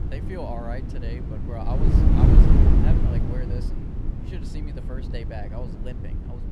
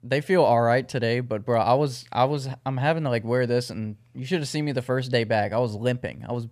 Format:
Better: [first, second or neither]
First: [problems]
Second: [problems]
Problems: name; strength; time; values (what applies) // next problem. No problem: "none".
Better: second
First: wind noise on the microphone; heavy; 4 dB above the speech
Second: none